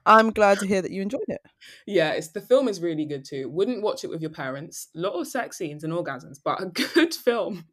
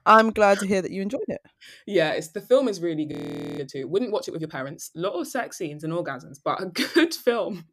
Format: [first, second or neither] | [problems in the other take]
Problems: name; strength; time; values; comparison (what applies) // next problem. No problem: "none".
first | audio freezing; at 3 s